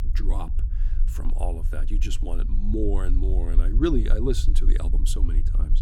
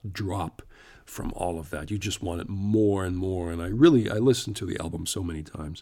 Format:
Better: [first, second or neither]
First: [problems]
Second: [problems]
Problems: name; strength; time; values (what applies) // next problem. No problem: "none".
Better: second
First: low rumble; noticeable; throughout; 15 dB below the speech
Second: none